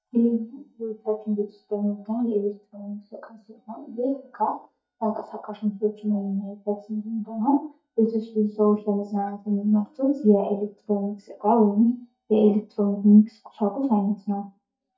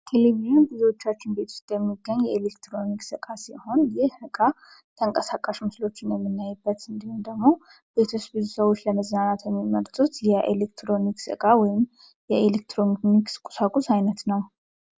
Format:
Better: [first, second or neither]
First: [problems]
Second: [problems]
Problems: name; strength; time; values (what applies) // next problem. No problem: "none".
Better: second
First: noise reduction (neural mask model DeepFilterNet 3)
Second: none